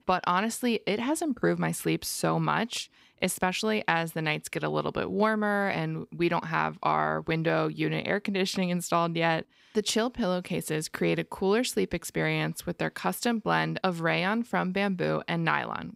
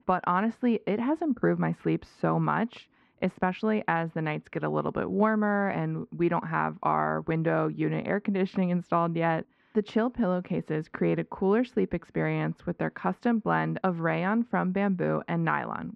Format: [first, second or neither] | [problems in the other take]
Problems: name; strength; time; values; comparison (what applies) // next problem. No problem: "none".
first | muffled; very; fading above 1.5 kHz